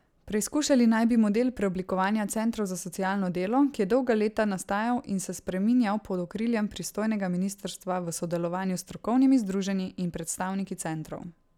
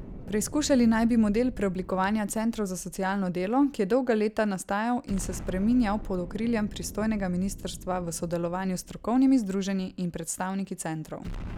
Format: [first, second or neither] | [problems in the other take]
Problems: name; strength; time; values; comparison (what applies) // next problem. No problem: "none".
first | background sound (Explosion); 14 dB below the speech